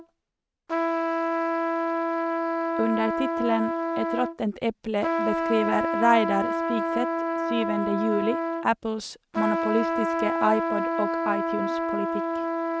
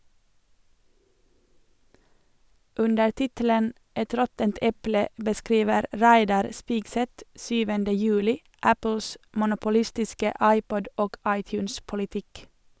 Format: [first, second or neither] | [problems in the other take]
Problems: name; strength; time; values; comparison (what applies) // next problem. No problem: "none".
second | noise reduction (neural mask model RNNoise)